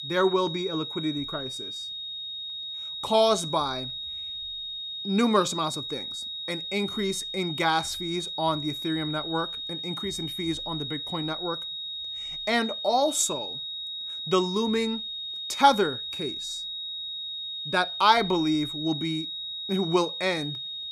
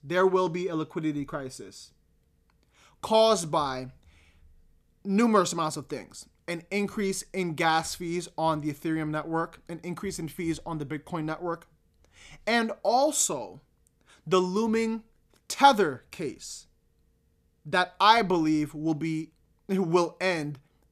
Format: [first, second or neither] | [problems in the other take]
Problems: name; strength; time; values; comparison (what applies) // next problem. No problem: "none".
second | high-pitched whine; loud; throughout; 4 kHz, 5 dB below the speech